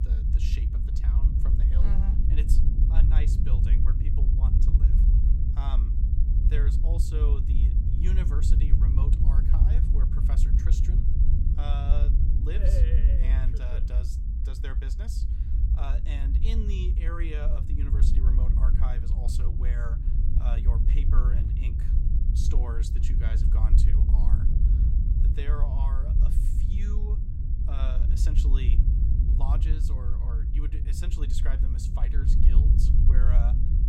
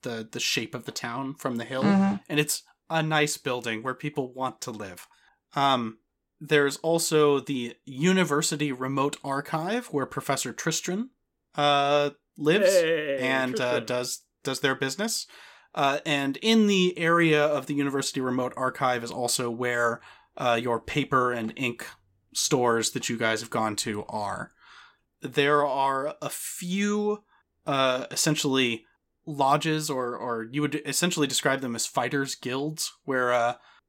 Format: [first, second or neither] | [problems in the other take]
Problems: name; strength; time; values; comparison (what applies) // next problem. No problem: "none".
second | low rumble; loud; throughout; as loud as the speech